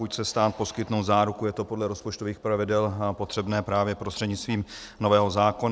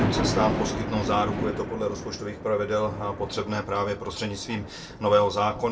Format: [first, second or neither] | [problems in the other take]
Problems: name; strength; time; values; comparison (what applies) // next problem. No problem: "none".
first | background sound (Thunder); 5 dB below the speech // room echo; dies away in 0.2 s